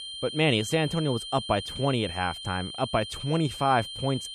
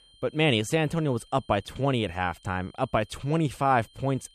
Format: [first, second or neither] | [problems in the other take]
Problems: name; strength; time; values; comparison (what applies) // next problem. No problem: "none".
second | high-pitched whine; loud; throughout; 3 kHz, 9 dB below the speech; faint in the second